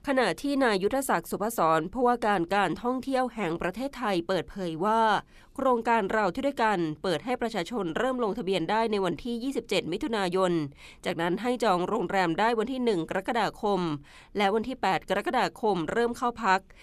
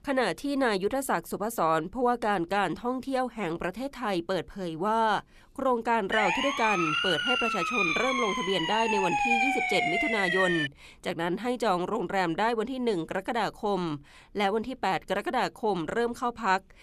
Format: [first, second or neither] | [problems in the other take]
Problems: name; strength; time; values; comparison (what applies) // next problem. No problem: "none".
first | siren; loud; from 6 to 11 s; peak 5 dB above the speech